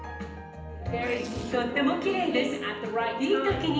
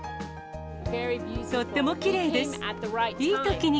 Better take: second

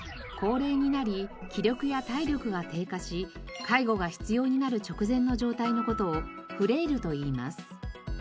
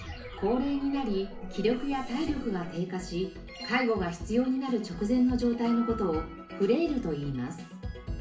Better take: first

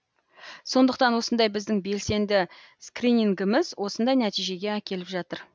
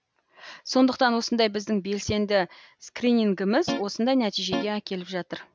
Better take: first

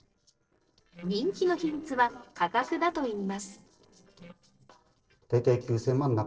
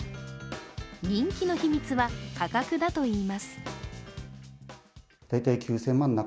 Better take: second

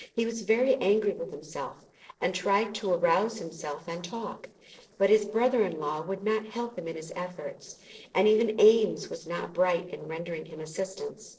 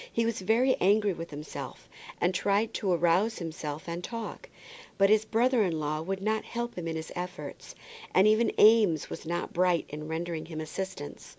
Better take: second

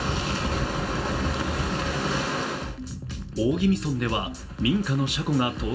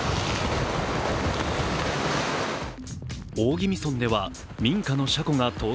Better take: second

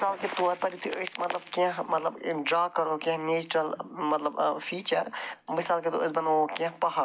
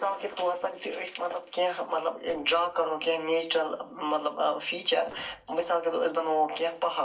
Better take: first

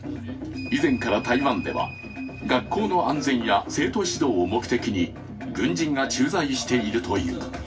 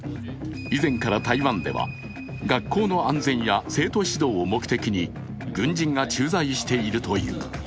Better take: second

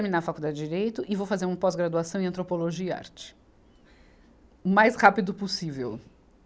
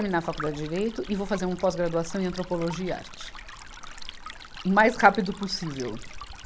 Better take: first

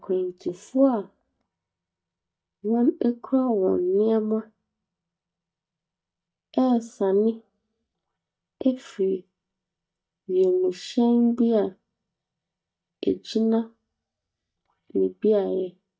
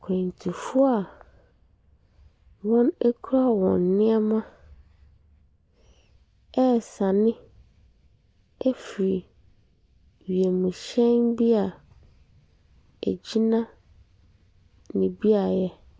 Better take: second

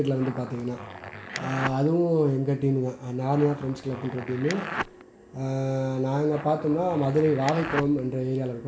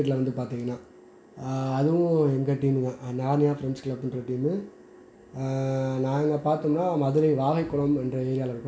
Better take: second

